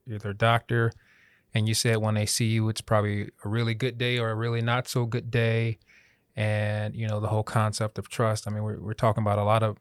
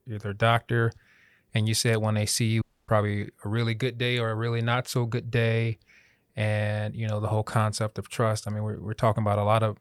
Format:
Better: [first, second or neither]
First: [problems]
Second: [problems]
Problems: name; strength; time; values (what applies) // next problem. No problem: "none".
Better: first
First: none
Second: audio cutting out; at 2.5 s